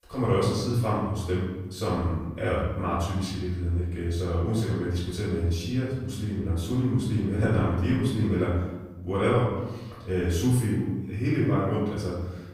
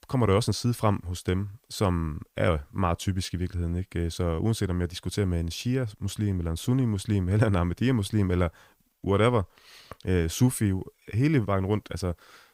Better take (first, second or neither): second